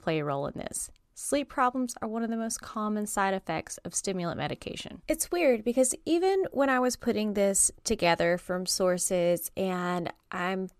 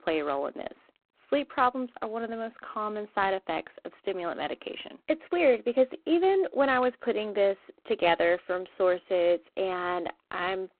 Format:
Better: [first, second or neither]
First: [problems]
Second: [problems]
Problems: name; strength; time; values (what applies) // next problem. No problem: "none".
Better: first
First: none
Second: phone-call audio; poor line